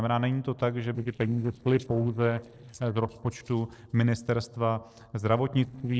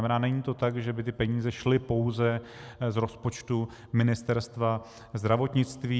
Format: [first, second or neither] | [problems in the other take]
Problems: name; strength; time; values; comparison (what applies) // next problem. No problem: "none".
second | noise reduction (neural separator model SepFormer DNS4)